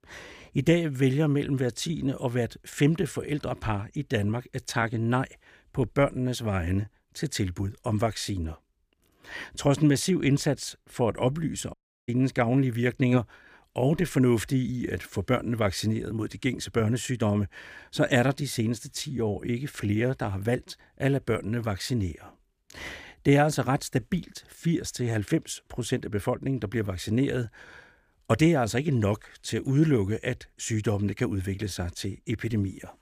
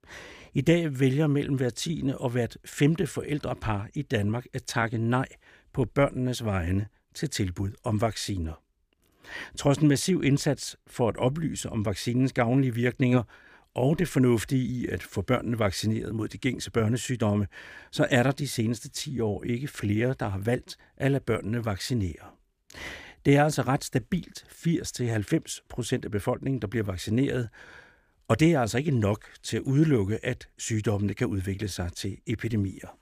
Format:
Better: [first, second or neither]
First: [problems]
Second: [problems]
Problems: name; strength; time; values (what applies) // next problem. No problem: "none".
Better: second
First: audio cutting out; at 12 s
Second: none